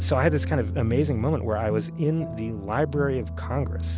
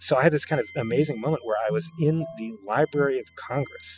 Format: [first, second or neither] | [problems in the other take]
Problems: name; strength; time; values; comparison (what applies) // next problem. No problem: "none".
first | noise reduction (classical method spectral subtraction)